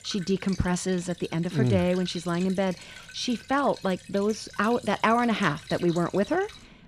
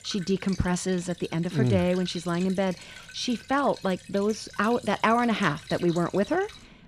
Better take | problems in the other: neither | rain or running water; noticeable; throughout; 15 dB below the speech; the same in both

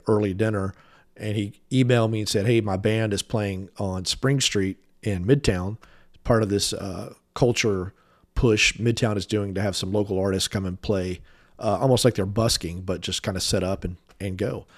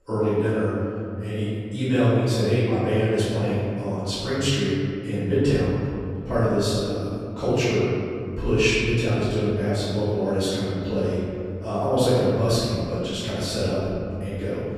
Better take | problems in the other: first | off-mic speech; far // room echo; strong; dies away in 2.5 s

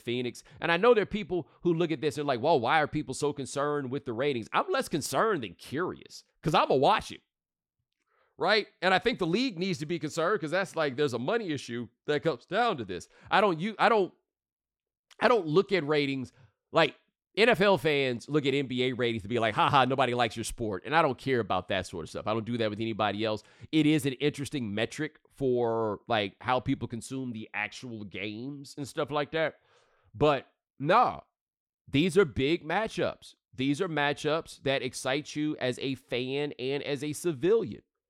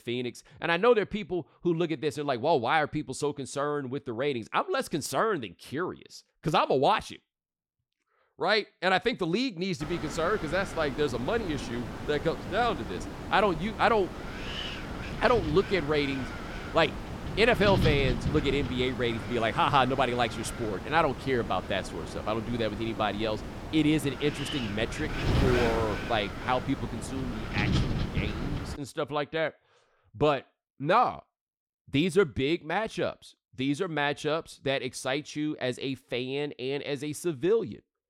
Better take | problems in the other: first | wind noise on the microphone; heavy; from 10 to 29 s; 9 dB below the speech

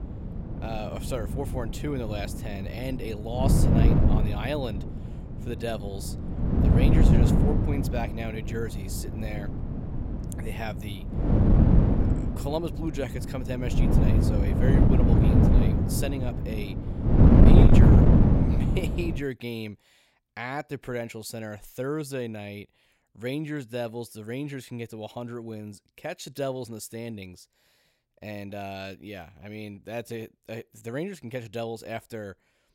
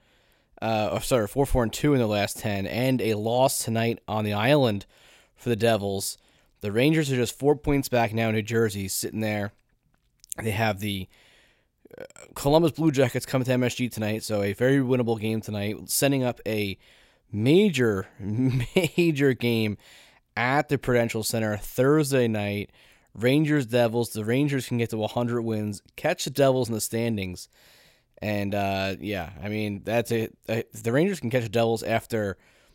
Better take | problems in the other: second | wind noise on the microphone; heavy; until 19 s; 5 dB above the speech

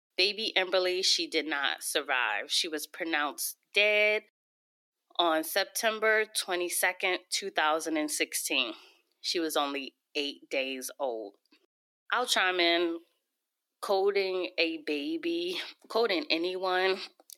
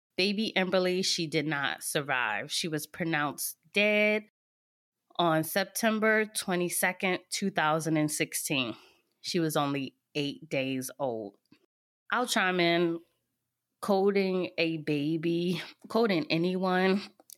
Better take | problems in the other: second | thin; somewhat; fading below 300 Hz

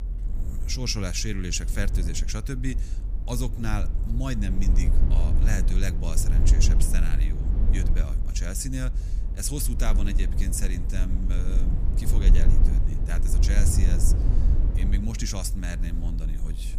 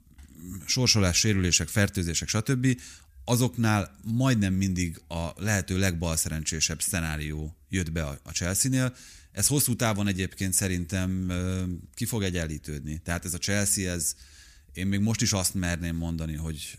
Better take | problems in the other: second | low rumble; loud; throughout; 8 dB below the speech

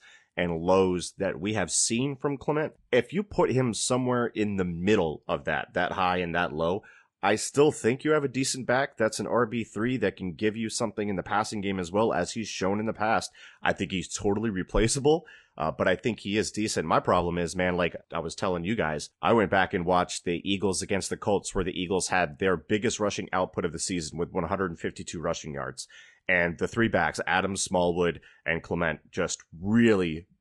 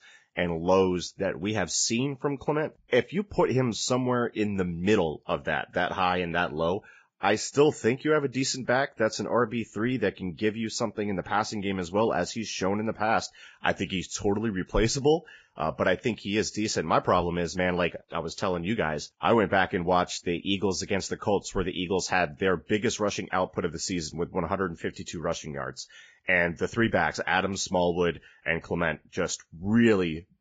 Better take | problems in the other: first | garbled, watery; badly; nothing above 7.5 kHz; slightly in the first

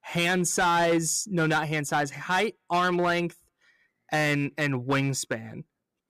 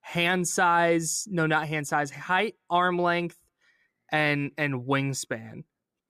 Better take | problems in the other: second | distortion; slight; 7% of the sound clipped

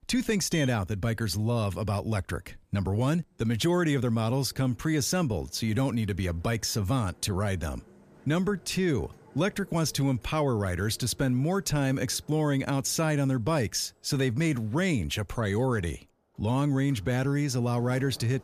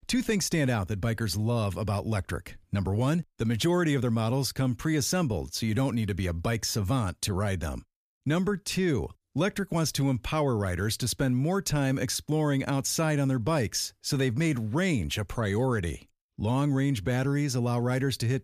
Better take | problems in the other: second | household noises; faint; throughout; 25 dB below the speech

